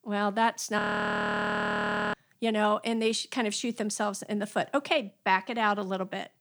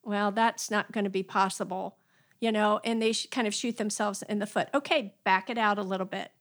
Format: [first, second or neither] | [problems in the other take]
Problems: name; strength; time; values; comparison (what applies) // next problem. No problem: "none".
second | audio freezing; at 1 s for 1.5 s